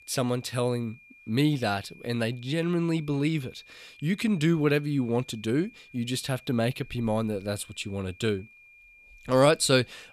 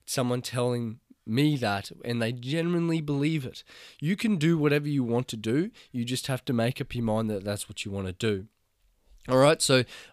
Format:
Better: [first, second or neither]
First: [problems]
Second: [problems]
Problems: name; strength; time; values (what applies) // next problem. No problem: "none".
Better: second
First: high-pitched whine; faint; throughout; 2.5 kHz, 25 dB below the speech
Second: none